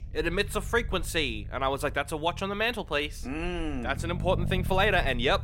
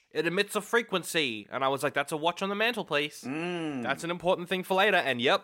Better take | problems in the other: second | low rumble; faint; throughout; 20 dB below the speech

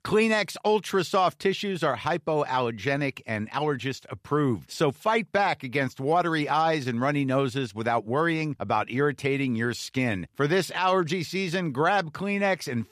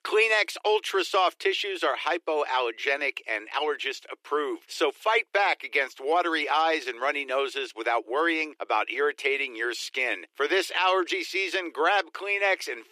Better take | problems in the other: first | thin; very; fading below 300 Hz

